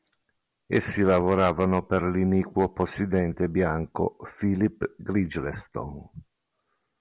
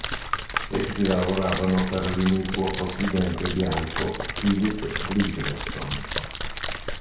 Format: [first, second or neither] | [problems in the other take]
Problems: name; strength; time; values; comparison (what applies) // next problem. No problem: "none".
first | background sound (Splash, splatter); 5 dB below the speech // room echo; dies away in 0.6 s